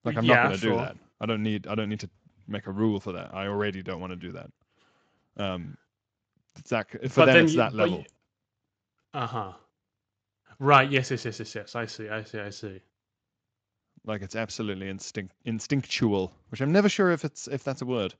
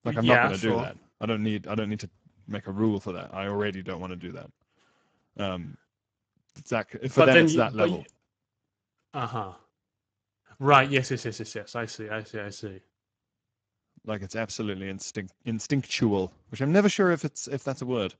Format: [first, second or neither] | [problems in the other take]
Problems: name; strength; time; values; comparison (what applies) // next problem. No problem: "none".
first | garbled, watery; badly; nothing above 7.5 kHz; slightly in the first